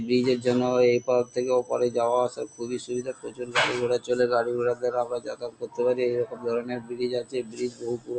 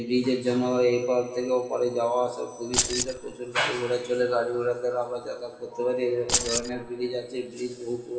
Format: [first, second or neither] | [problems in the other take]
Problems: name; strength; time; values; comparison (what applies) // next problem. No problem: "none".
first | background sound (Keys jangling); as loud as the speech // room echo; dies away in 2.1 s